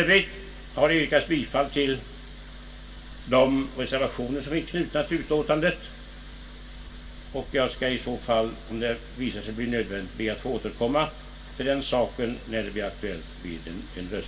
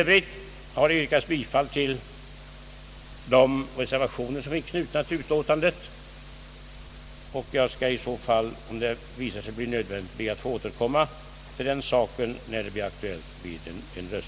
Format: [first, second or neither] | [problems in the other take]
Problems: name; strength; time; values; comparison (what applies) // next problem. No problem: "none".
second | room echo; dies away in 0.2 s